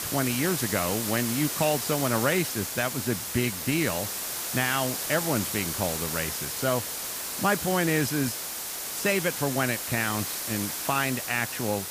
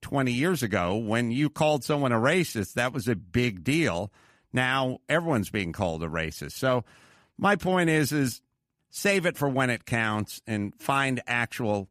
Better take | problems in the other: second | hiss; loud; throughout; 2 dB below the speech

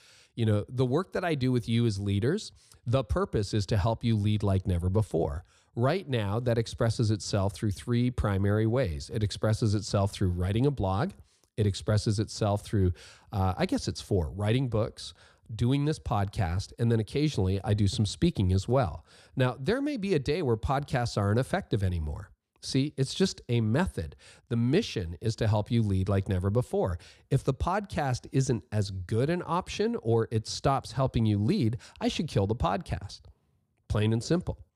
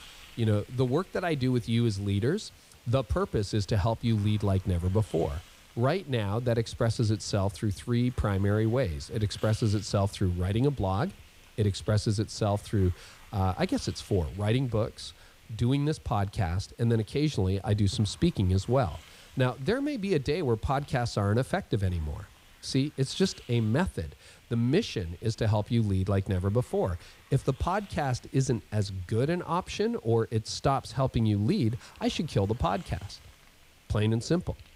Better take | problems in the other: first | hiss; faint; throughout; 25 dB below the speech

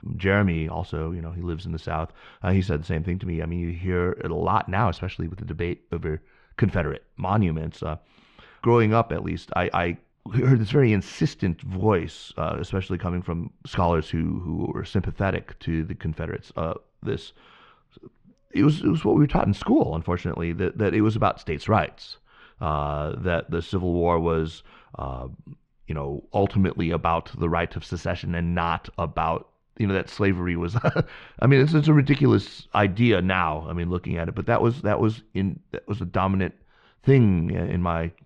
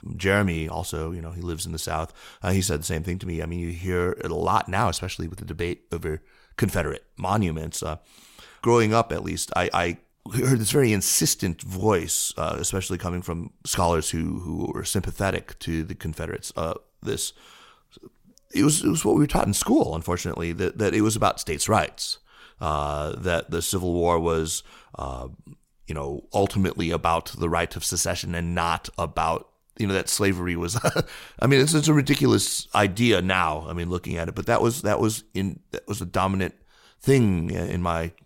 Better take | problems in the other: second | muffled; very; fading above 3 kHz

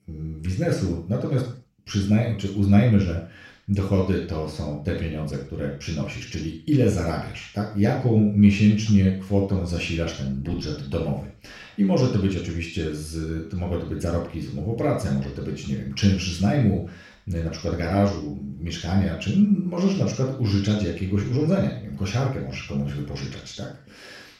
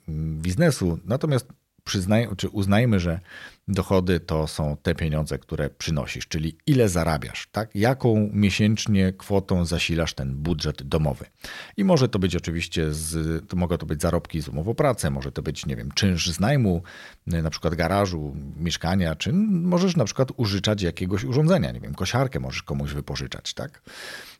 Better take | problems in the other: second | room echo; noticeable; dies away in 0.4 s // off-mic speech; far

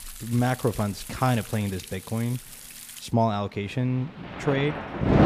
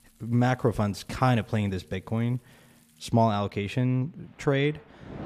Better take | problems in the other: second | rain or running water; loud; throughout; 8 dB below the speech; faint in the second

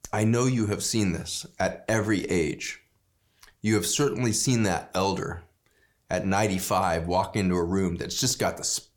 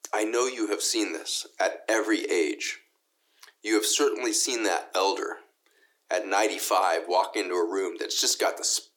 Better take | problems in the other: first | thin; very; fading below 300 Hz

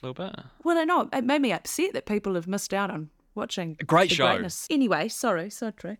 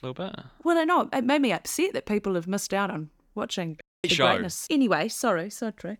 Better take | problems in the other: first | audio cutting out; at 4 s

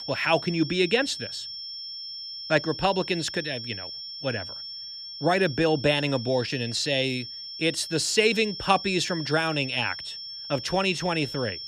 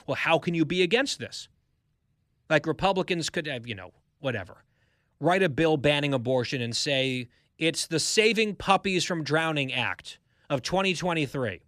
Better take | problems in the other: second | high-pitched whine; loud; throughout; 5.5 kHz, 9 dB below the speech

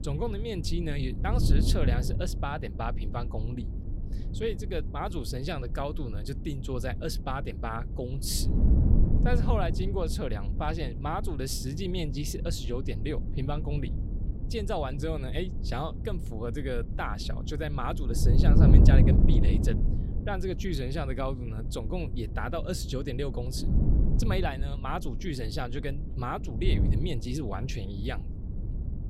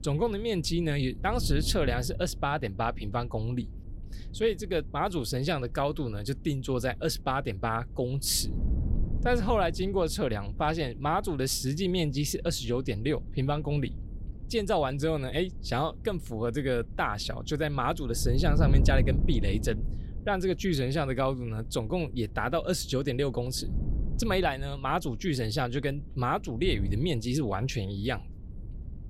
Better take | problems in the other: second | wind noise on the microphone; heavy; 7 dB below the speech; occasional gusts in the second

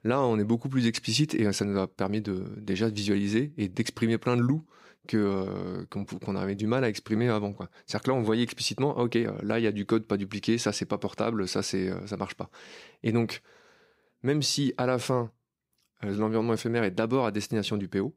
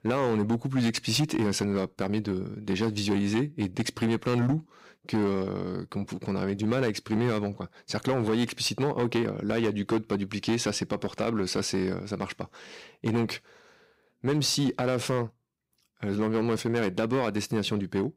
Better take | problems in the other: first | distortion; slight; 7% of the sound clipped

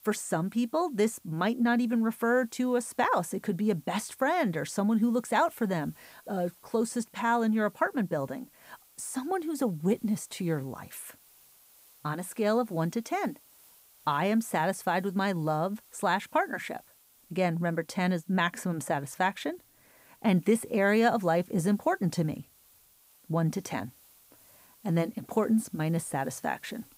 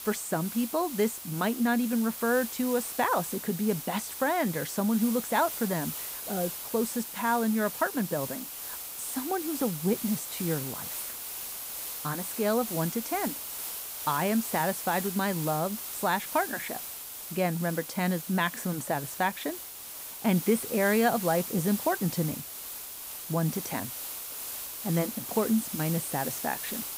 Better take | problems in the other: first | hiss; loud; throughout; 6 dB below the speech; faint in the first

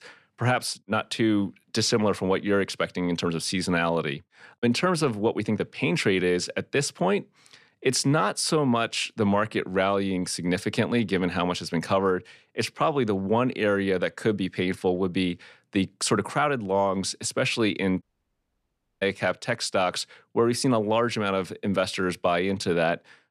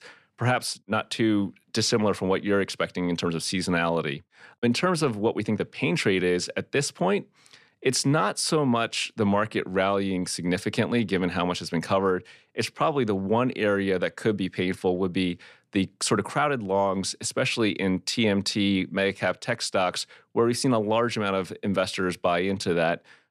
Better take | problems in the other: second | audio cutting out; at 18 s for 1 s

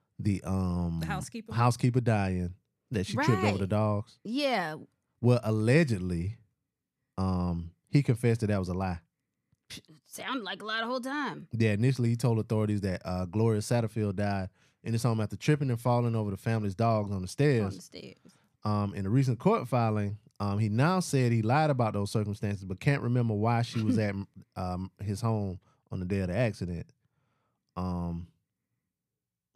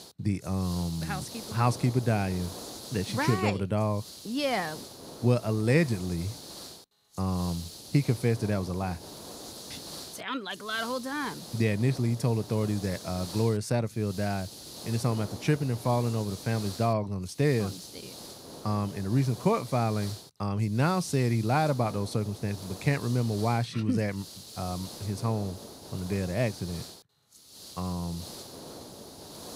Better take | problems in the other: first | hiss; noticeable; throughout; 15 dB below the speech

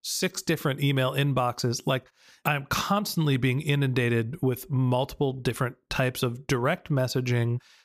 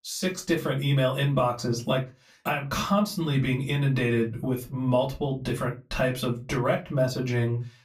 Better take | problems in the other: first | off-mic speech; far // room echo; very slight; dies away in 0.2 s

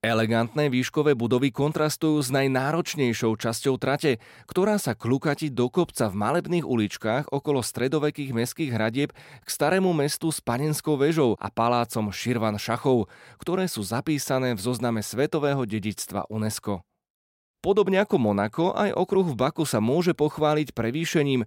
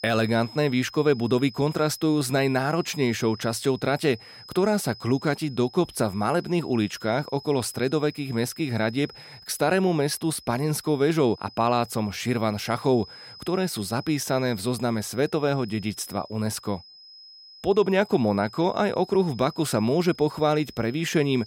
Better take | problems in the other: first | high-pitched whine; noticeable; throughout; 5 kHz, 20 dB below the speech

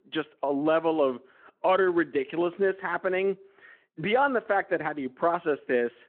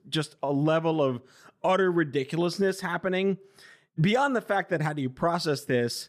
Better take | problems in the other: second | phone-call audio

